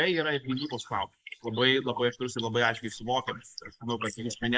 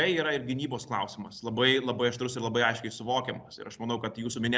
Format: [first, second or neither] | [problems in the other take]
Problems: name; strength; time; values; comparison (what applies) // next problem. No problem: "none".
second | noise reduction (neural mask model Resemble Enhance denoiser)